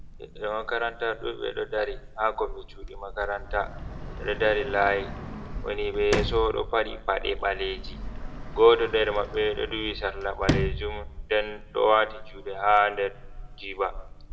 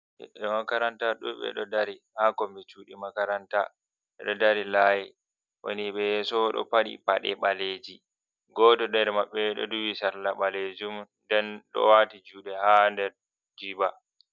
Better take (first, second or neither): second